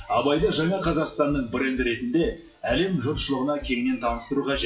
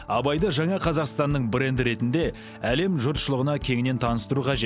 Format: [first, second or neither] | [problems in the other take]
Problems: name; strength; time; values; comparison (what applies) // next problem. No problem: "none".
second | noise reduction (classical method WPE with log-MMSE)